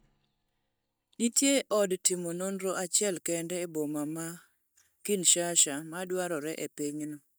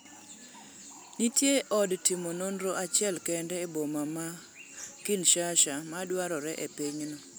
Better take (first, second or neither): second